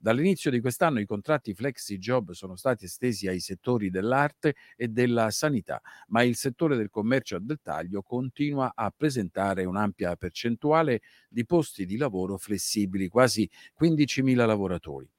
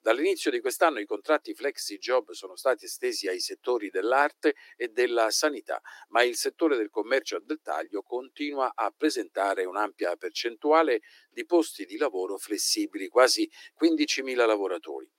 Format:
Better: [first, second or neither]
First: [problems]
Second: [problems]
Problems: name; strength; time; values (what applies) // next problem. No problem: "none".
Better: first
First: none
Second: thin; very; fading below 300 Hz